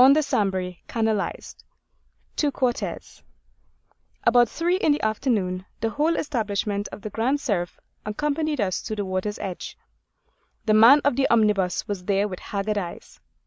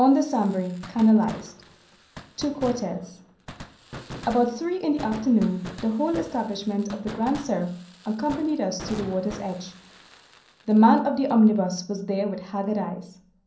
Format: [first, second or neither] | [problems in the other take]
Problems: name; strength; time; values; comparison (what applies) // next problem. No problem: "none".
first | background sound (Fireworks); 18 dB below the speech // room echo; dies away in 0.6 s